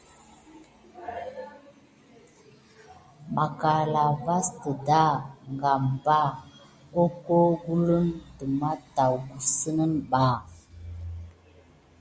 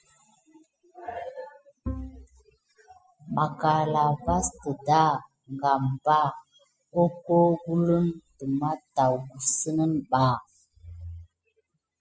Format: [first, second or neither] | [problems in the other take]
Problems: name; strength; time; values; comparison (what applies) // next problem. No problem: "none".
first | noise reduction (classical method spectral subtraction)